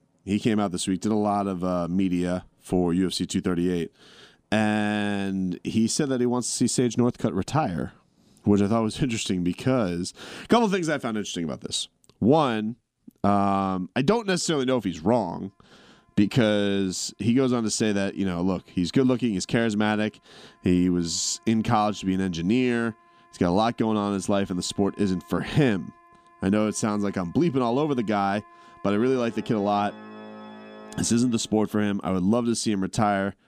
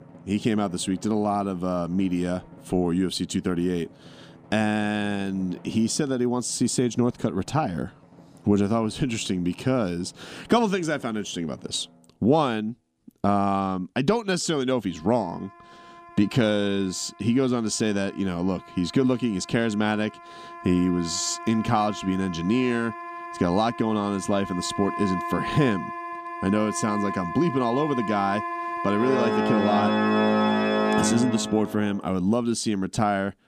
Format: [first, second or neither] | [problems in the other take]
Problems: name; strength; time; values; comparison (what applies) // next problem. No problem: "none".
first | background music; loud; throughout; 3 dB below the speech; faint in the first